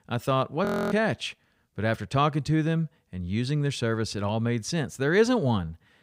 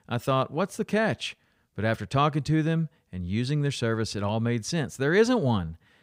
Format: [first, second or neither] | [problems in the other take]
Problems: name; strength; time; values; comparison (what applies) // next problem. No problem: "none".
second | audio freezing; at 0.5 s